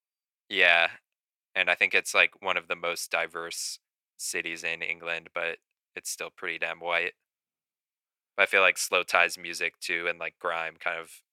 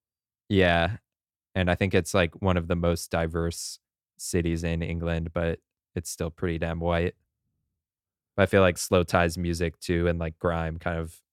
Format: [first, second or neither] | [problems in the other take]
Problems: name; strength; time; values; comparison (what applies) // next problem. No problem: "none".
second | thin; very; fading below 750 Hz